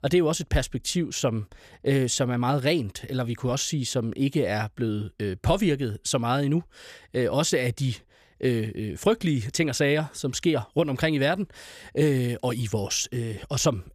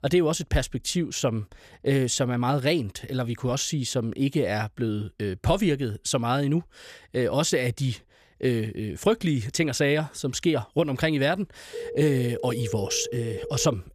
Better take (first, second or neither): first